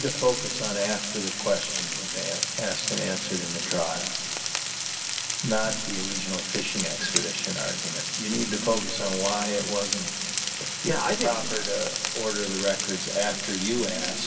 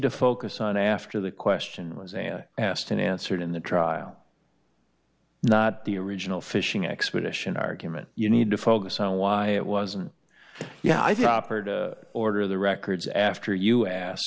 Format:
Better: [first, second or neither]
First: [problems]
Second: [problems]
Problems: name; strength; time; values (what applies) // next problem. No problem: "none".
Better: second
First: background sound (Frying (food)); 1 dB below the speech // room echo; dies away in 2.4 s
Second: none